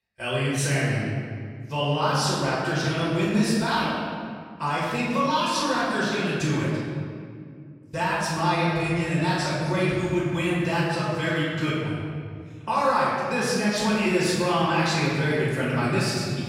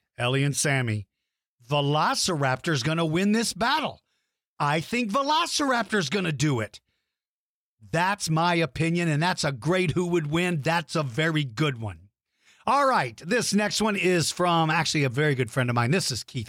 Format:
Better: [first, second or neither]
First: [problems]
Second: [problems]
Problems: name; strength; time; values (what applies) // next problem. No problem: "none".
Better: second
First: room echo; strong; dies away in 1.9 s // off-mic speech; far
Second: none